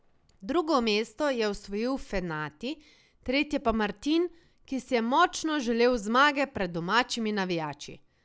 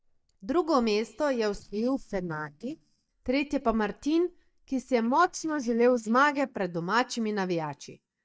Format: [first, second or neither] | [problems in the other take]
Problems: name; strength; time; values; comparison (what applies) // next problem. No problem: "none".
first | noise reduction (neural mask model DeepFilterNet 3)